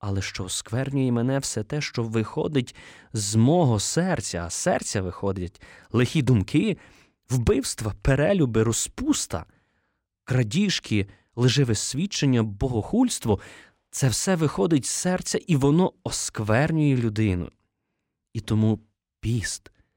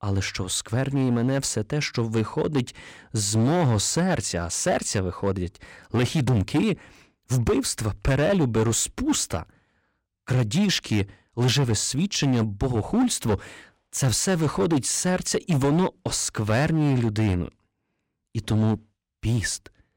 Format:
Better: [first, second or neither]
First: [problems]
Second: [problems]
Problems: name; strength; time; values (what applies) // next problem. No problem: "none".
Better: first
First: none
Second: distortion; slight; 9% of the sound clipped